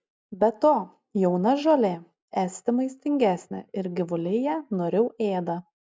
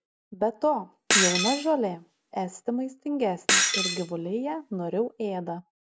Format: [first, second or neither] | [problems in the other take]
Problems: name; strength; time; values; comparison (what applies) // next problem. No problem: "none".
first | background sound (Shatter); 1 dB above the speech